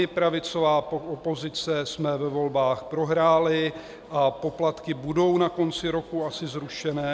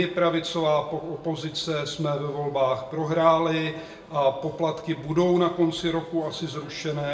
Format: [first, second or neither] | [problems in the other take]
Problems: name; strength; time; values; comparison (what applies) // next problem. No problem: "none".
first | room echo; dies away in 0.6 s